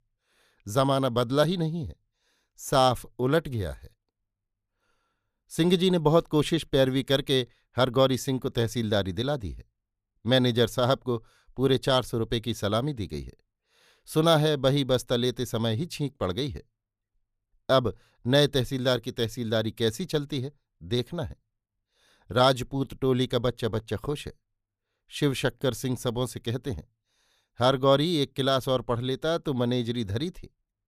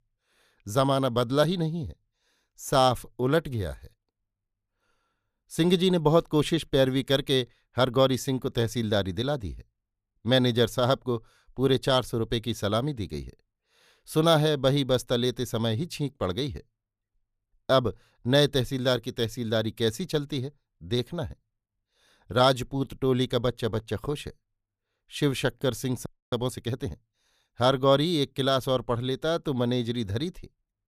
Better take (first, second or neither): first